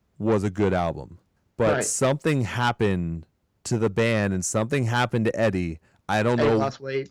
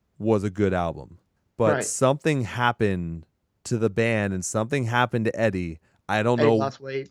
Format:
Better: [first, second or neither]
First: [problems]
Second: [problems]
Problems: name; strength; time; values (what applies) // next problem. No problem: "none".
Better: second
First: distortion; slight; 10 dB below the speech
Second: none